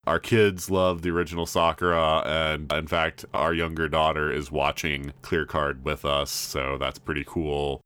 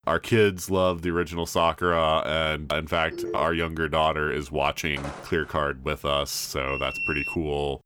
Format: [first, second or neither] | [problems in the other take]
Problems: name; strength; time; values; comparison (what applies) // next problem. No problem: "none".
first | phone ringing; noticeable; at 3 s; peak 9 dB below the speech // footsteps; faint; at 5 s; peak 15 dB below the speech // alarm; noticeable; at 6.5 s; peak 2 dB below the speech